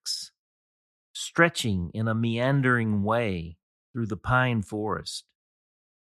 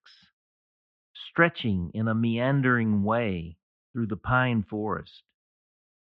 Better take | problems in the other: first | muffled; very; fading above 3 kHz

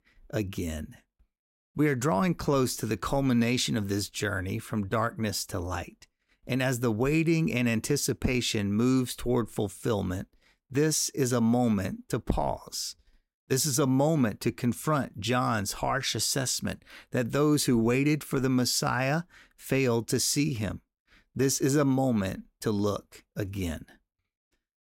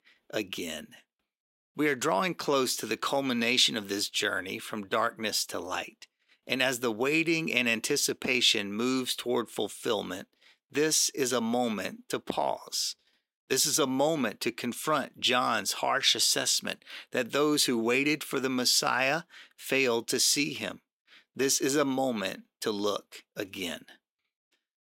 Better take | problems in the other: first | thin; somewhat; fading below 350 Hz

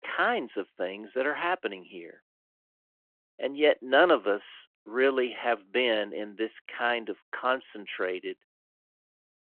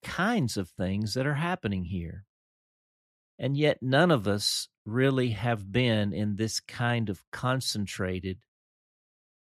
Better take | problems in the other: second | phone-call audio

